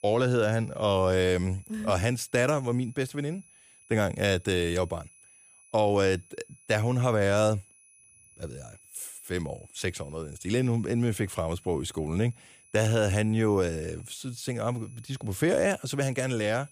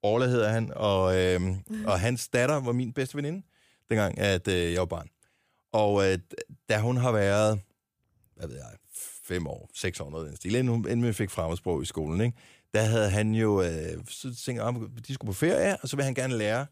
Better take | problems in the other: second | high-pitched whine; faint; throughout; 10.5 kHz, 25 dB below the speech

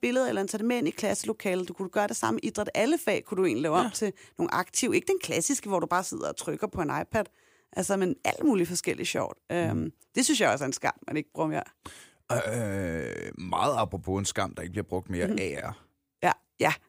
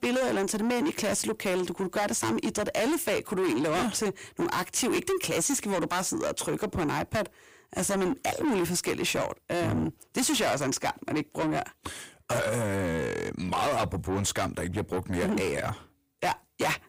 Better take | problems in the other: first | distortion; heavy; 6 dB below the speech

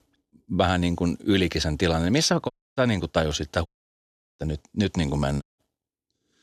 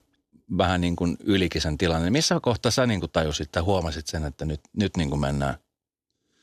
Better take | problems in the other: second | audio cutting out; at 2.5 s, at 3.5 s for 0.5 s and at 5.5 s

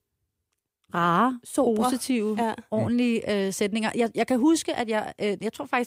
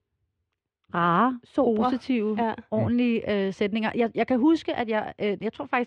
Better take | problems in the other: first | muffled; slightly; fading above 3.5 kHz

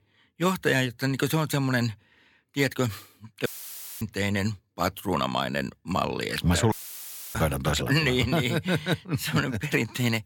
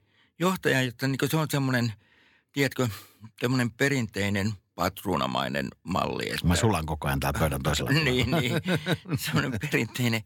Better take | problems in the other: second | audio cutting out; filled with static; at 3.5 s for 0.5 s and at 6.5 s for 0.5 s

